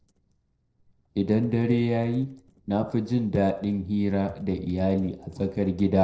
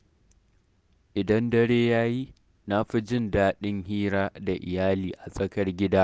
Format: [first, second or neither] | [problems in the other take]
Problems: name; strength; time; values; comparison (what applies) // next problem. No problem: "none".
second | noise reduction (neural separator model SepFormer DNS4)